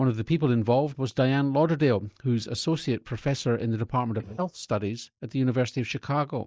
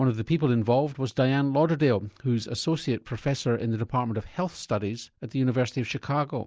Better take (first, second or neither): second